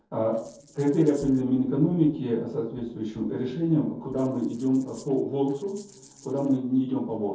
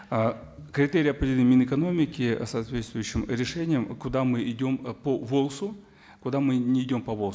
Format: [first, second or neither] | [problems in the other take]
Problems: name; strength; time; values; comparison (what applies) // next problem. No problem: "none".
second | noise reduction (neural separator model SepFormer DNS4)